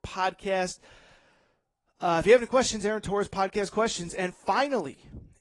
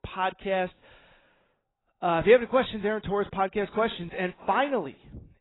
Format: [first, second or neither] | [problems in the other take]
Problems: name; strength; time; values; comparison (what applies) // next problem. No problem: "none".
first | garbled, watery; badly; nothing above 4 kHz; slightly in the first